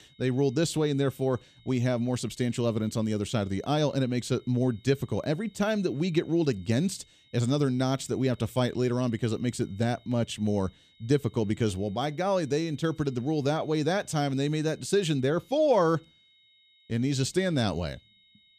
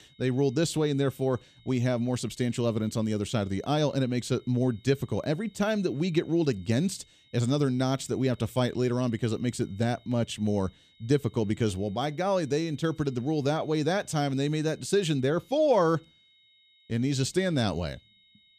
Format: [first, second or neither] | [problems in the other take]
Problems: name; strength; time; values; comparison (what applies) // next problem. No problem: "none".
neither | high-pitched whine; faint; throughout; 4 kHz, 30 dB below the speech; the same in both